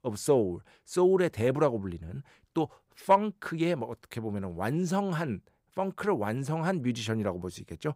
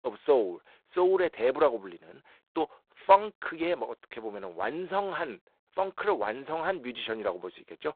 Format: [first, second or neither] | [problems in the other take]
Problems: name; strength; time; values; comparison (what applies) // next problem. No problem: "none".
first | phone-call audio; poor line; nothing above 3.5 kHz